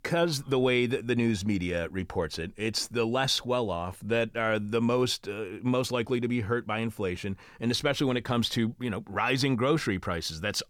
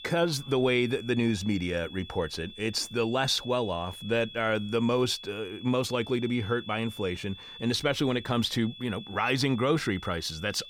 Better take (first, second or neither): first